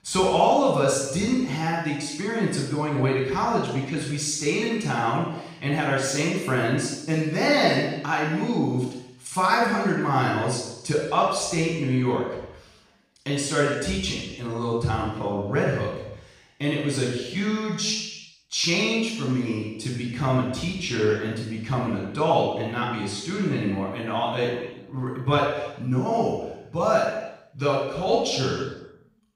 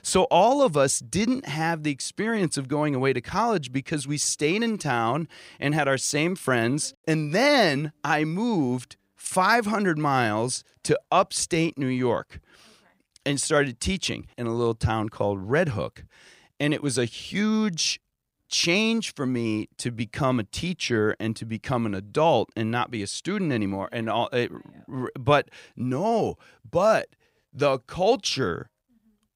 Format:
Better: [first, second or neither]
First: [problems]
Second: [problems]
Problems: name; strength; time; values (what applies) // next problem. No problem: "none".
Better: second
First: room echo; strong; dies away in 0.9 s // off-mic speech; far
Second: none